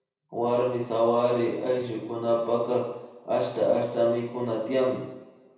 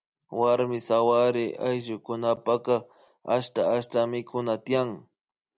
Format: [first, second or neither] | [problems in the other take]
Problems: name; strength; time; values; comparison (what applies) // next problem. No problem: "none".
second | room echo; dies away in 0.9 s